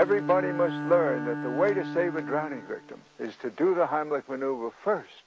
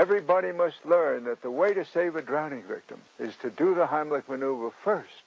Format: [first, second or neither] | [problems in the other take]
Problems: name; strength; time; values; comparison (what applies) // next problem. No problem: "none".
second | background sound (Bowed string instrument); 9 dB below the speech